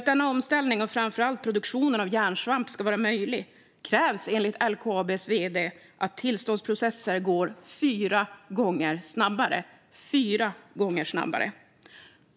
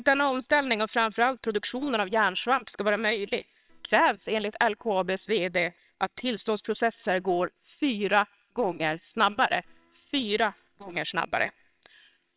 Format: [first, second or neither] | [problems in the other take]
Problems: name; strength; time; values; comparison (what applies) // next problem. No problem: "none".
first | noise reduction (neural separator model SepFormer WHAMR!)